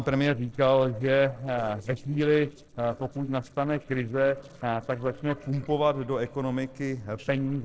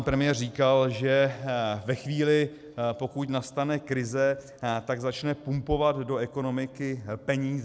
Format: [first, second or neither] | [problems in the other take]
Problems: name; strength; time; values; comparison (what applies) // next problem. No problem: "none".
second | noise reduction (neural separator model SepFormer DNS4)